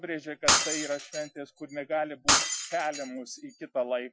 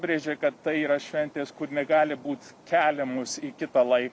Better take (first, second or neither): second